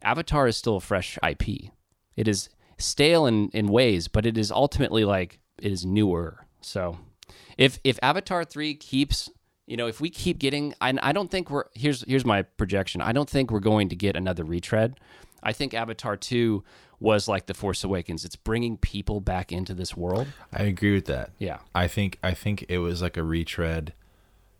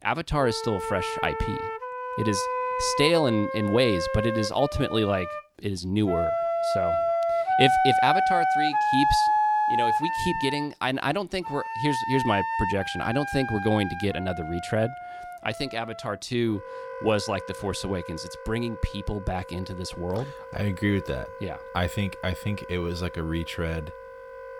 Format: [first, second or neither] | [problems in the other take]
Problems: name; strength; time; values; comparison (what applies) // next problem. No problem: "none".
first | background music; very loud; throughout; 1 dB above the speech